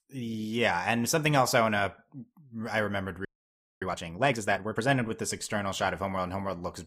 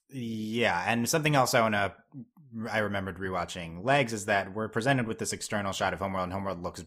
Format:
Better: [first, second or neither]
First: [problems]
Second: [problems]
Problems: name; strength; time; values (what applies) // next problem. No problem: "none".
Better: second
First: audio freezing; at 3.5 s for 0.5 s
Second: none